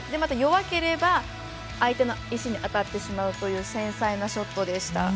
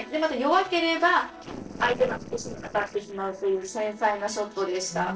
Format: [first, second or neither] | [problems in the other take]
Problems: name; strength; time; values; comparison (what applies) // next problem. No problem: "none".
first | noise reduction (neural separator model SepFormer DNS4)